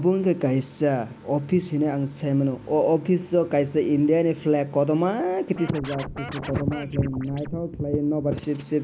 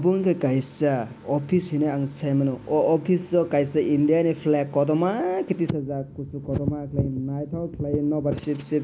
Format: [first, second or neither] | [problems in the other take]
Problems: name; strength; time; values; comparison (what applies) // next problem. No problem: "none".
second | background sound (Scratching (performance technique)); 14 dB below the speech